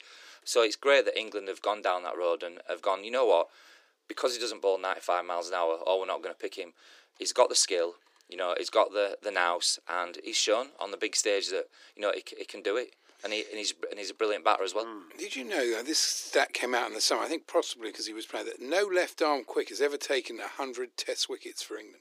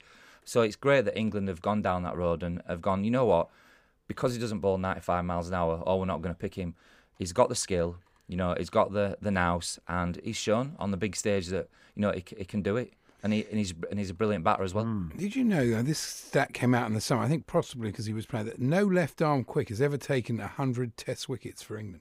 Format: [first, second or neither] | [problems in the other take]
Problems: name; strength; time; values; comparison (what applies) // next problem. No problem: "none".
second | thin; very; fading below 300 Hz